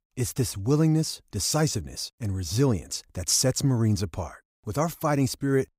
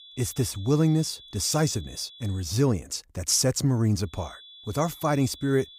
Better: first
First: none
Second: high-pitched whine; noticeable; until 2.5 s and from 4 s on; 3.5 kHz, 20 dB below the speech

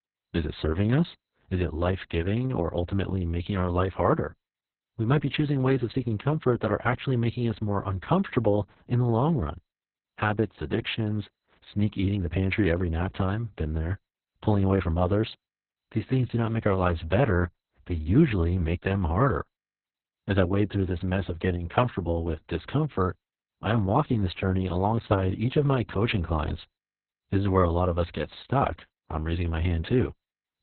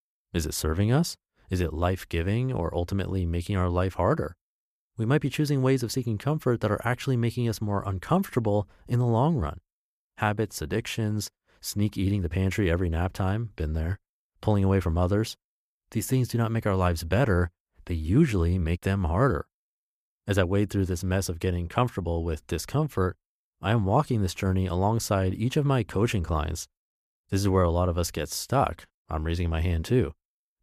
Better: second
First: garbled, watery; badly; nothing above 4 kHz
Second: none

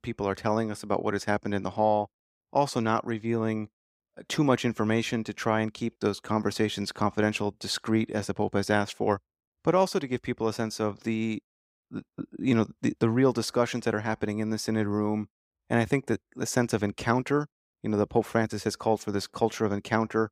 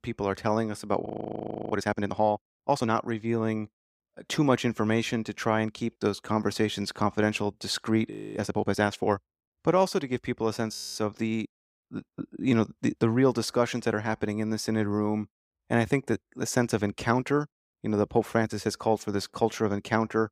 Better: first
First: none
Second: audio freezing; at 1 s for 0.5 s, at 8 s and at 11 s

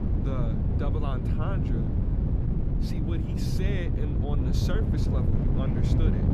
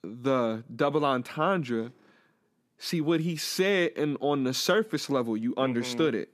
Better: second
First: wind noise on the microphone; heavy; 1 dB above the speech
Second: none

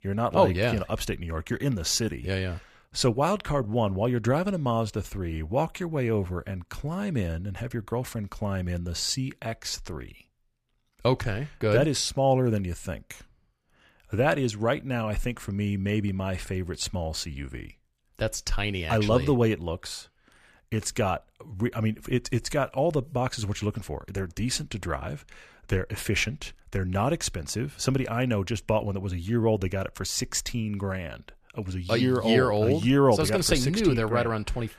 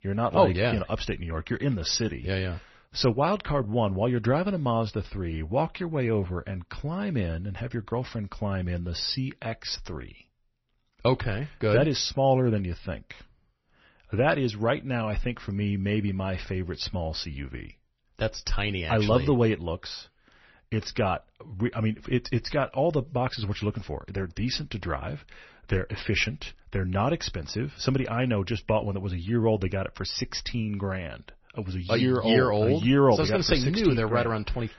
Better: first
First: none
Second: garbled, watery; slightly; nothing above 6 kHz

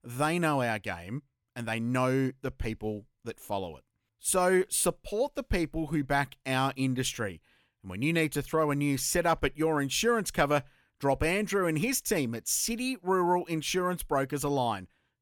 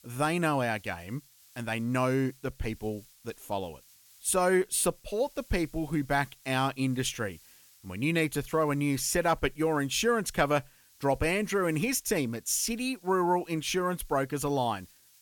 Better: first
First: none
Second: hiss; faint; throughout; 25 dB below the speech

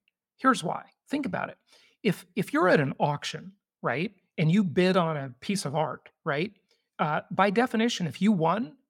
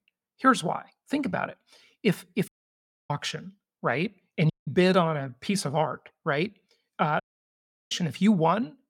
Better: first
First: none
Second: audio cutting out; at 2.5 s for 0.5 s, at 4.5 s and at 7 s for 0.5 s

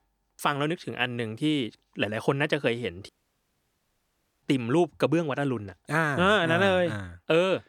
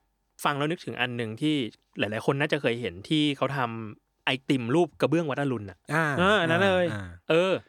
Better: second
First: audio cutting out; at 3 s for 1.5 s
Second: none

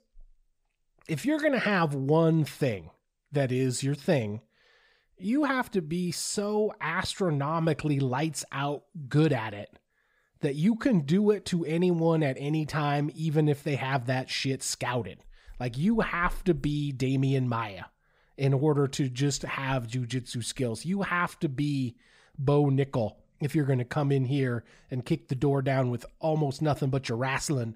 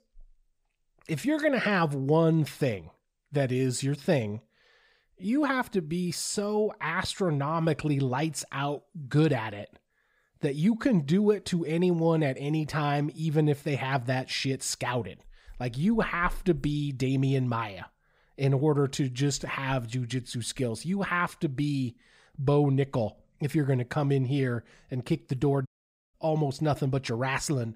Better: first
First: none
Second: audio cutting out; at 26 s

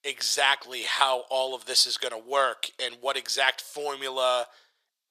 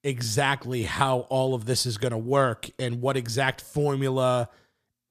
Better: second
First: thin; very; fading below 550 Hz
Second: none

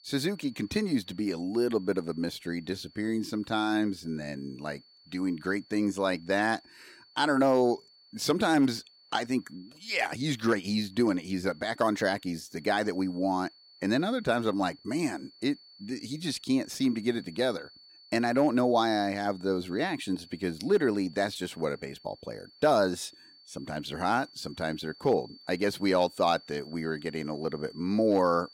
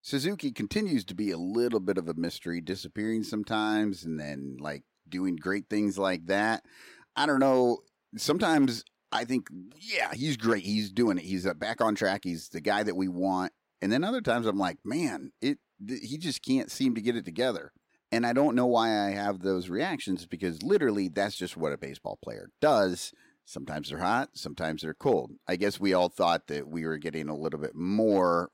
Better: second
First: high-pitched whine; faint; throughout; 4.5 kHz, 25 dB below the speech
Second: none

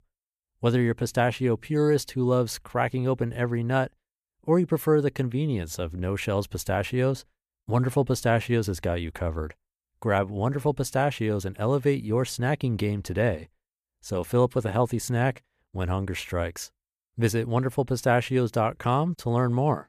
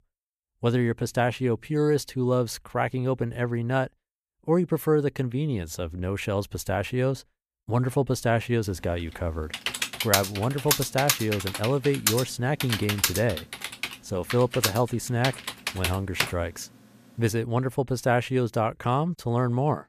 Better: first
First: none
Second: keyboard typing; loud; from 9.5 to 16 s; peak 2 dB above the speech

